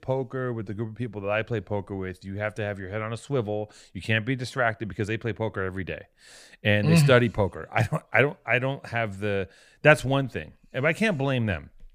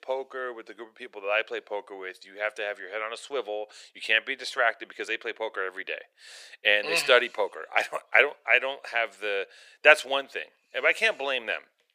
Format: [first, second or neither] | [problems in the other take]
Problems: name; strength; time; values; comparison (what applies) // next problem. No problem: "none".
first | thin; very; fading below 400 Hz